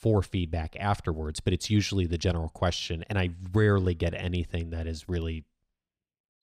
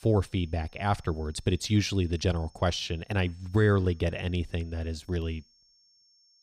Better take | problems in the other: first | high-pitched whine; faint; throughout; 5.5 kHz, 30 dB below the speech

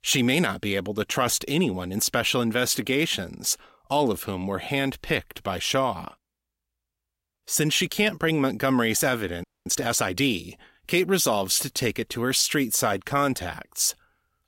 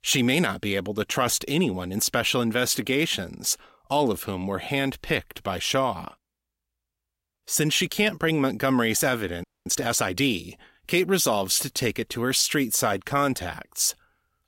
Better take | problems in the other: neither | audio freezing; at 9.5 s; the same in both

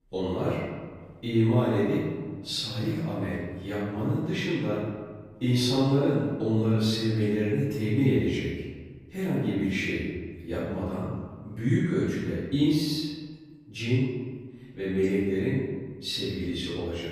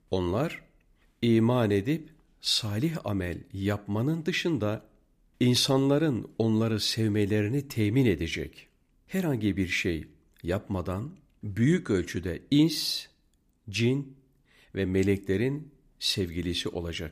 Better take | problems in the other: second | off-mic speech; far // room echo; strong; dies away in 1.4 s

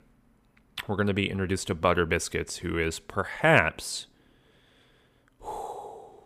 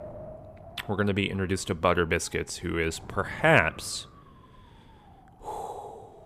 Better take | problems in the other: first | wind noise on the microphone; occasional gusts; 25 dB below the speech

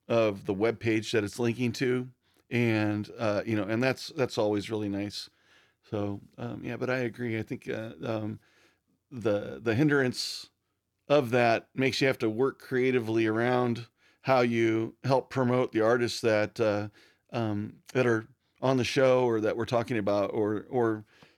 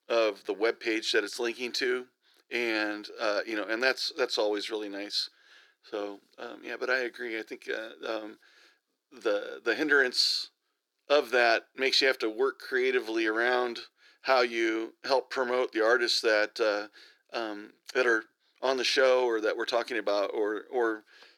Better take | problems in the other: first | thin; very; fading below 350 Hz

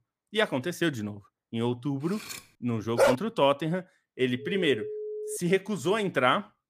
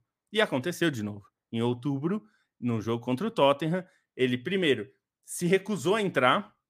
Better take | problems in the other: second | clattering dishes; faint; at 2 s; peak 10 dB below the speech // dog barking; loud; at 3 s; peak 4 dB above the speech // phone ringing; noticeable; at 4.5 s; peak 7 dB below the speech

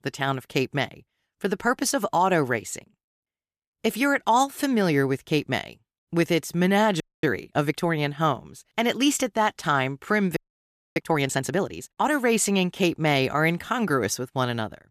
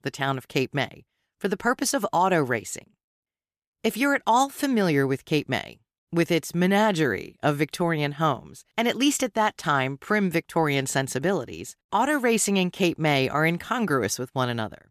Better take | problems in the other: second | audio freezing; at 7 s and at 10 s for 0.5 s

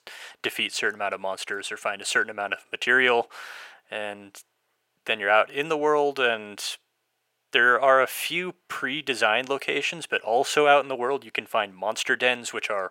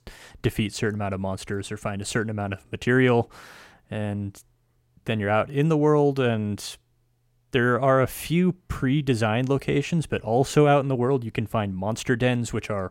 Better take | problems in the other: second | thin; very; fading below 650 Hz

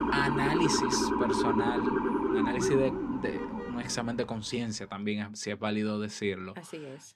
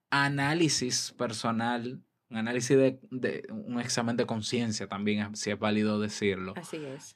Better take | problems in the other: second | siren; loud; until 4 s; peak 5 dB above the speech

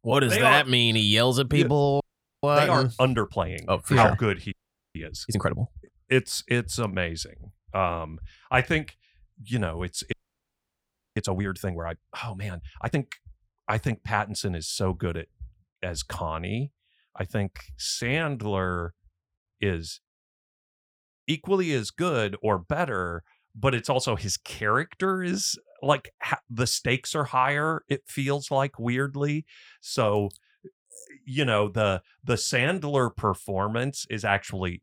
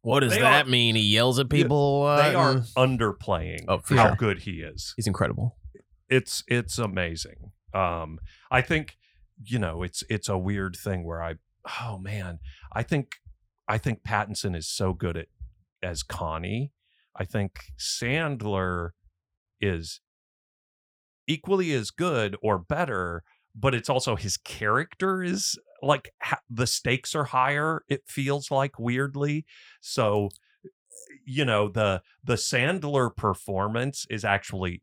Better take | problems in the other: second | audio freezing; at 2 s, at 4.5 s and at 10 s for 1 s

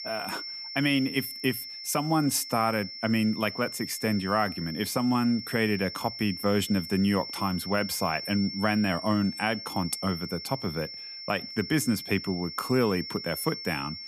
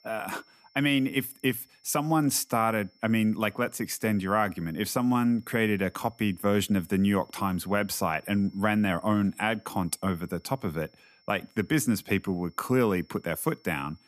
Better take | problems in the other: second | high-pitched whine; loud; throughout; 5.5 kHz, 9 dB below the speech; faint in the second

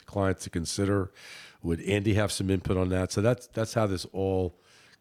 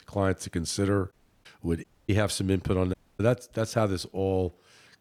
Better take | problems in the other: first | audio cutting out; at 1 s, at 2 s and at 3 s

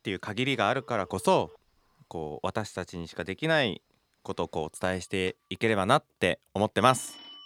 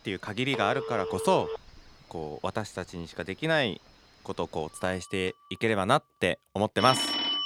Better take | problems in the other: first | alarms or sirens; loud; throughout; 3 dB below the speech; faint in the first

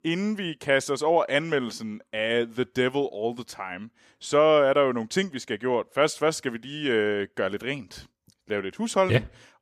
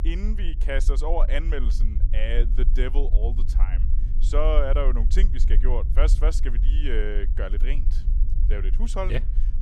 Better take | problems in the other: first | low rumble; noticeable; throughout; 15 dB below the speech

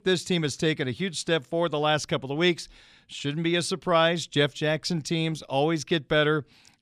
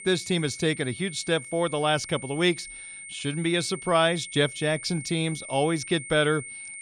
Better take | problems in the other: first | high-pitched whine; noticeable; throughout; 2 kHz, 10 dB below the speech

